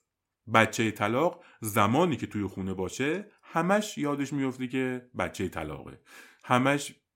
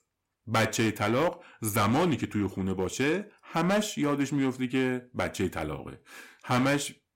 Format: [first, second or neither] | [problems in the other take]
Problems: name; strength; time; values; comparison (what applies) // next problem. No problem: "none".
first | distortion; heavy; 7% of the sound clipped